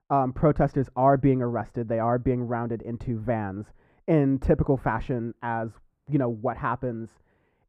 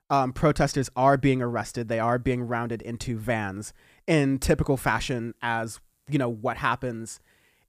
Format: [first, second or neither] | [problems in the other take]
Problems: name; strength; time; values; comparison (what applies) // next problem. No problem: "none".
second | muffled; very; fading above 2.5 kHz